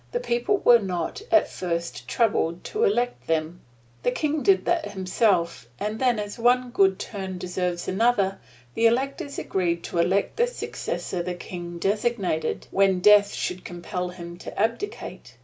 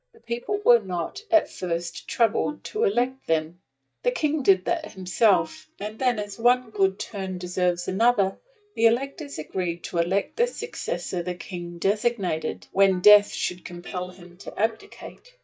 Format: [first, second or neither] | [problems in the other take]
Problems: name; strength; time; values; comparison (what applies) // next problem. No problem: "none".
first | noise reduction (neural mask model DeepFilterNet 3)